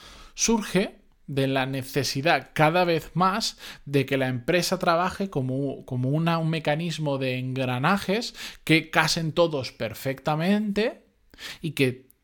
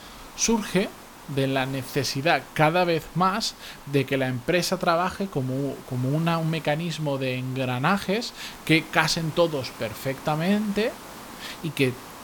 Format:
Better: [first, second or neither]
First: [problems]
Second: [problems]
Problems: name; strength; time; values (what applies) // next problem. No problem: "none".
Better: first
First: none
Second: hiss; noticeable; throughout; 20 dB below the speech